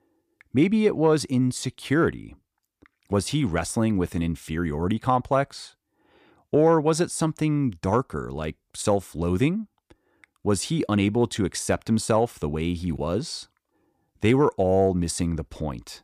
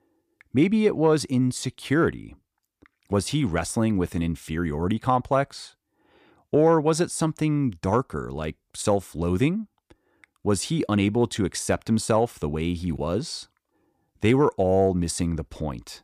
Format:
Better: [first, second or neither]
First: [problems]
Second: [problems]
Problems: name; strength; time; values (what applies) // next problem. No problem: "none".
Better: neither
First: none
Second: none